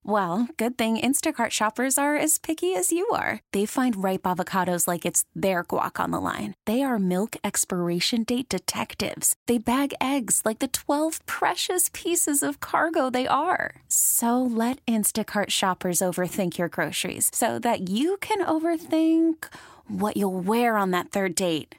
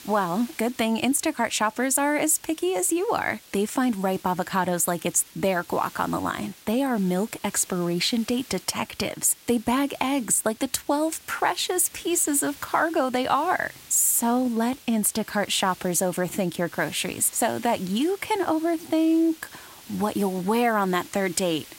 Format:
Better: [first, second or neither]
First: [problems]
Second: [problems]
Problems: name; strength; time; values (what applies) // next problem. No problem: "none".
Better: first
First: none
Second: hiss; faint; throughout; 20 dB below the speech